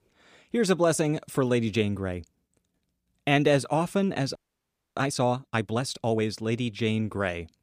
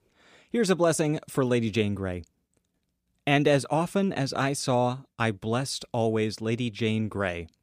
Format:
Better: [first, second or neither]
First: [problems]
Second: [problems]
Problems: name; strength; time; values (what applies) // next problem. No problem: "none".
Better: second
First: audio freezing; at 4.5 s for 0.5 s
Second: none